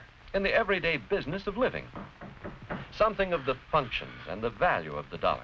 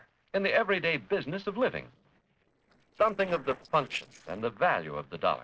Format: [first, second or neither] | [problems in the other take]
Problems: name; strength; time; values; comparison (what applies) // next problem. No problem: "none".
first | noise reduction (neural separator model SepFormer DNS4)